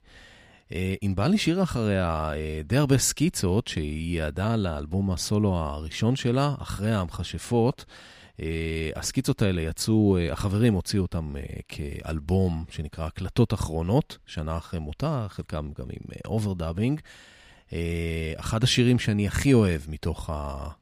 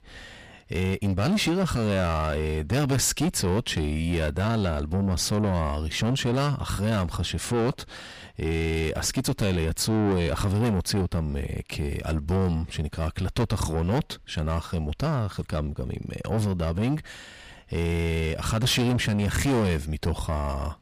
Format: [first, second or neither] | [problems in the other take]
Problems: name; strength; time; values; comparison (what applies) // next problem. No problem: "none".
first | distortion; heavy; 7 dB below the speech